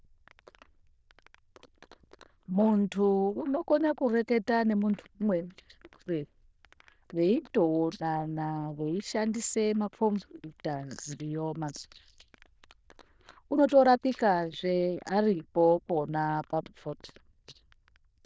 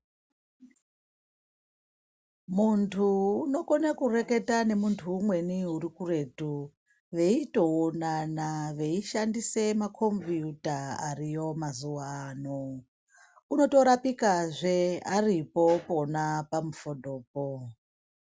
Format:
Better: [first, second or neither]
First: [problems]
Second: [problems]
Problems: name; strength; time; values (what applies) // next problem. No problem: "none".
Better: second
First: noise reduction (neural diffusion model UNIVERSE++)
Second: none